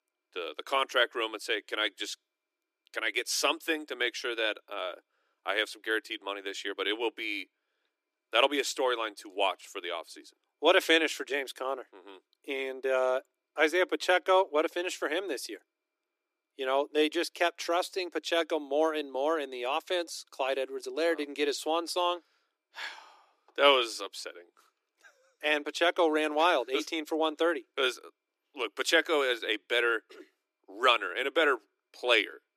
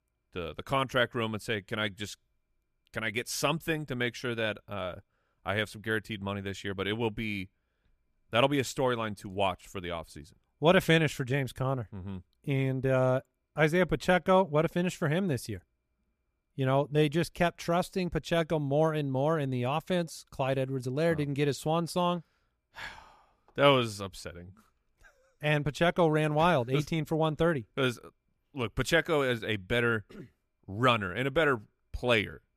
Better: second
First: thin; very; fading below 300 Hz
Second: none

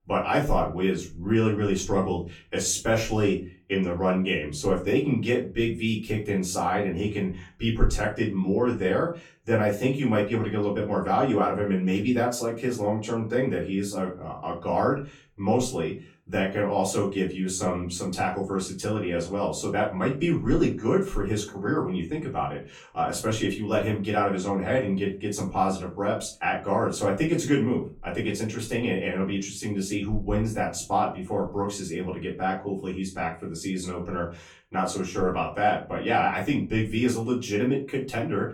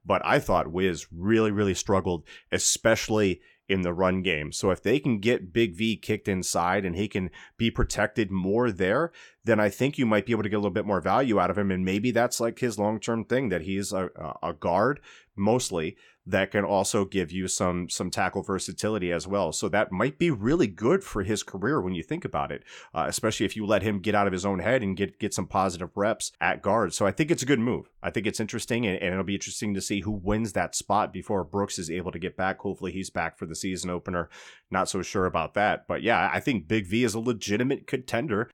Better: second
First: off-mic speech; far // room echo; slight; dies away in 0.3 s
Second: none

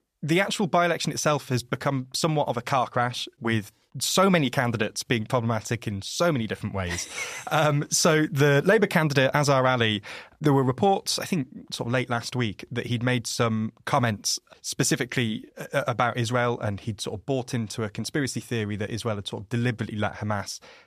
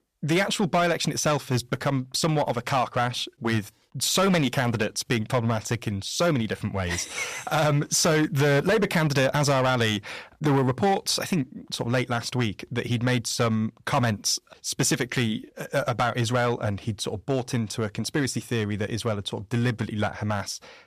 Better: first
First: none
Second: distortion; slight; 7% of the sound clipped

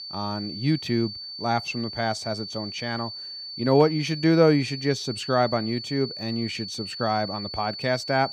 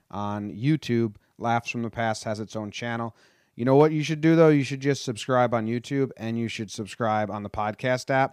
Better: second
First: high-pitched whine; loud; throughout; 4.5 kHz, 8 dB below the speech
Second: none

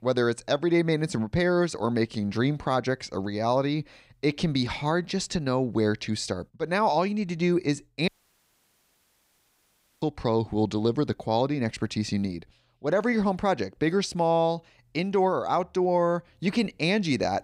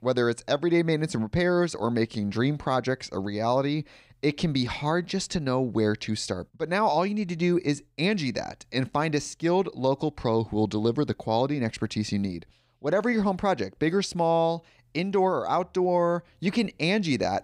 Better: second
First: audio cutting out; at 8 s for 2 s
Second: none

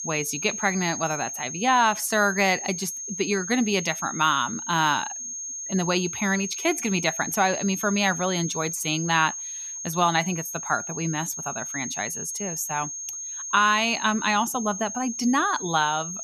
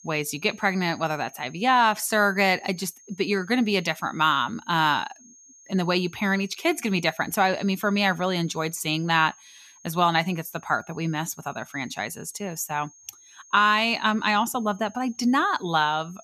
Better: second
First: high-pitched whine; loud; throughout; 6.5 kHz, 6 dB below the speech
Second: high-pitched whine; faint; throughout; 6.5 kHz, 25 dB below the speech

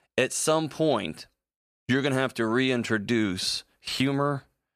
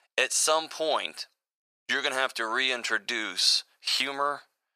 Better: first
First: none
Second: thin; very; fading below 800 Hz

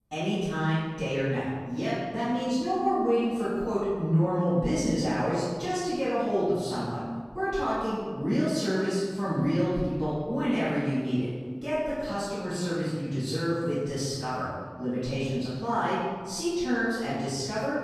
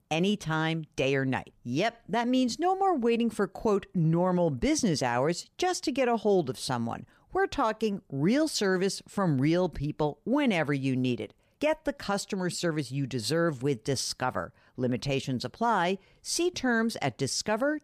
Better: second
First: off-mic speech; far // room echo; strong; dies away in 1.5 s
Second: none

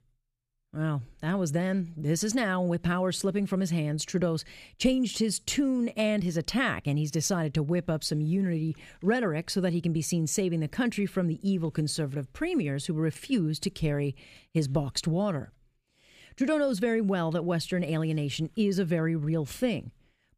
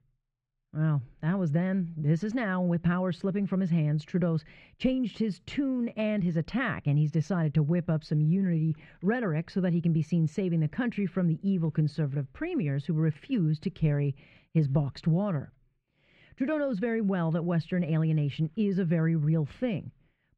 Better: first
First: none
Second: muffled; very; fading above 2 kHz

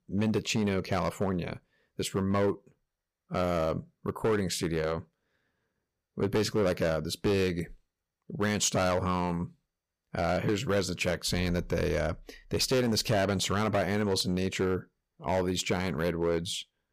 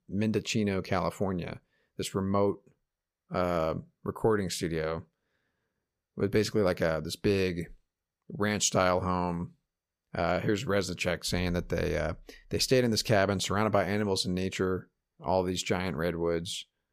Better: second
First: distortion; slight; 6% of the sound clipped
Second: none

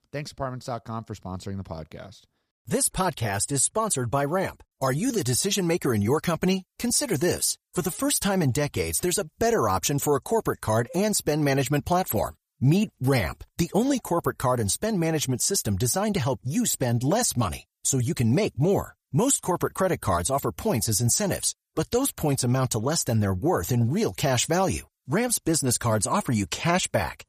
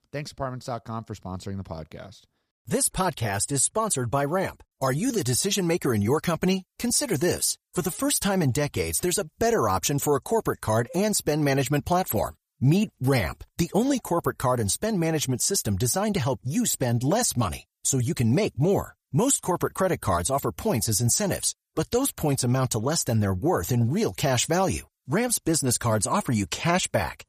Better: neither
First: none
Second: none

